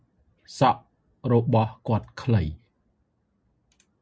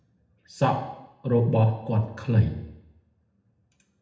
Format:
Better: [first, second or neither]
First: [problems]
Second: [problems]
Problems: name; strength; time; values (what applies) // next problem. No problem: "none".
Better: first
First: none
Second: room echo; dies away in 0.8 s